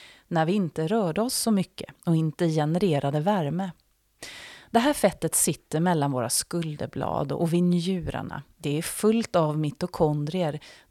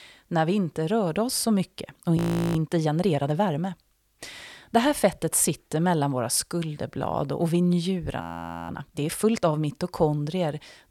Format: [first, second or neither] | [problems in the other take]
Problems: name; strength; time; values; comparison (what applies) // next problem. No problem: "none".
first | audio freezing; at 2 s and at 8 s